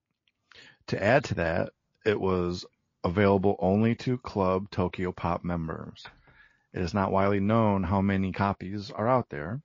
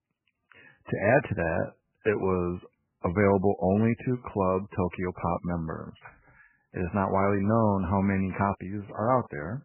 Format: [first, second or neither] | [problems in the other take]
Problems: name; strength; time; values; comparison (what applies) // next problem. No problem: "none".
first | garbled, watery; badly; nothing above 2.5 kHz; slightly in the first